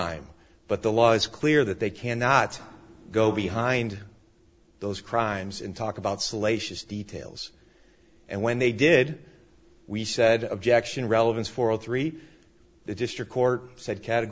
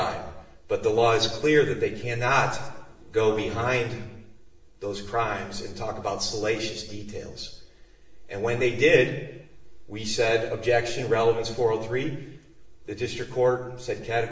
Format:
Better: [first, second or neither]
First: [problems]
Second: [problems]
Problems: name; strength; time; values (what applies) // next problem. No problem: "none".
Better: first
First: none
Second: room echo; dies away in 0.8 s